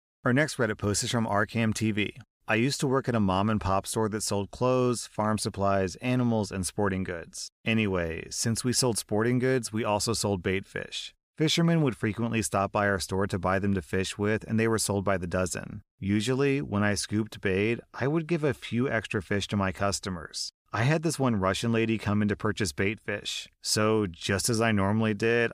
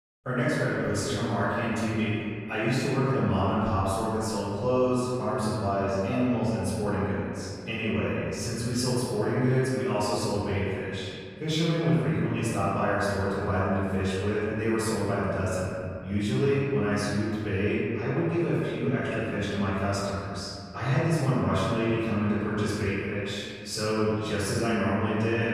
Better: first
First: none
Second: off-mic speech; far // room echo; strong; dies away in 2.3 s

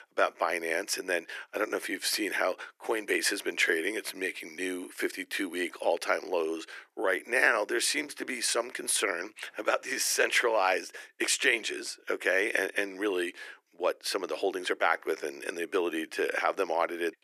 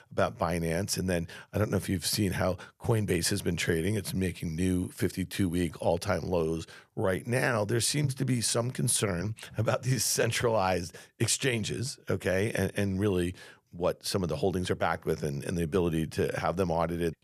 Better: second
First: thin; very; fading below 300 Hz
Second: none

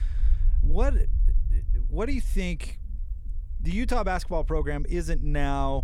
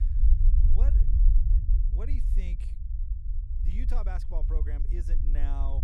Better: first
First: low rumble; faint; throughout; 20 dB below the speech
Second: low rumble; loud; throughout; 3 dB below the speech

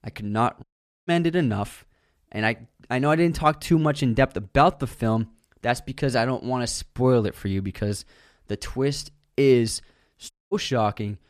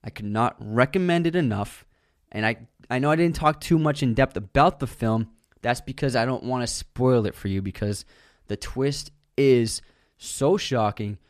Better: second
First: audio cutting out; at 0.5 s and at 10 s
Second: none

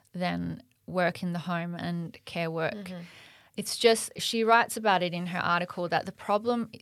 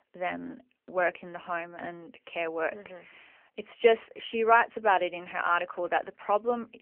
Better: first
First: none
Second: phone-call audio; nothing above 3 kHz

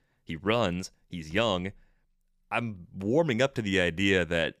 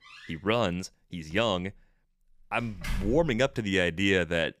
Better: first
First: none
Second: door banging; noticeable; at 2.5 s; peak 8 dB below the speech

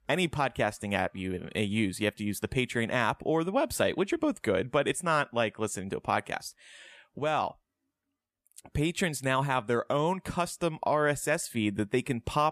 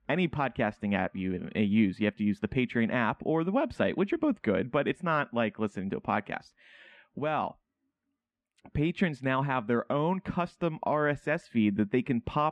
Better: first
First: none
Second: muffled; very; fading above 2.5 kHz

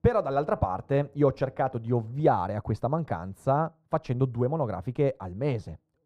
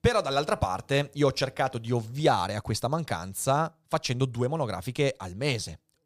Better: second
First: muffled; very; fading above 2 kHz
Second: none

